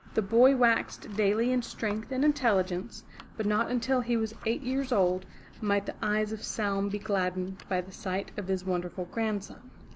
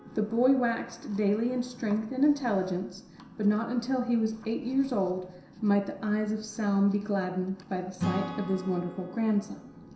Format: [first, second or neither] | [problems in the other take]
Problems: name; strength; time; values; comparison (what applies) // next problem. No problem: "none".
first | background sound (Acoustic guitar / Strum); 15 dB below the speech // room echo; dies away in 0.7 s